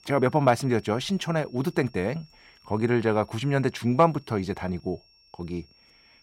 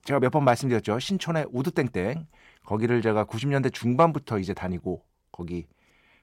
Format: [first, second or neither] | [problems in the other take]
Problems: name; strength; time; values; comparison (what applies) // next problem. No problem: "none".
second | high-pitched whine; faint; throughout; 5.5 kHz, 30 dB below the speech